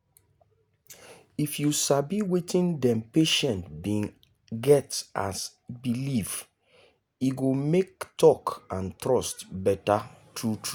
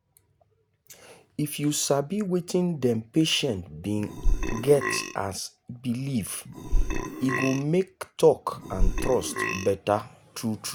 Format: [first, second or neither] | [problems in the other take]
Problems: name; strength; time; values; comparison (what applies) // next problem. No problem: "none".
first | background sound (Burping, eructation); 1 dB above the speech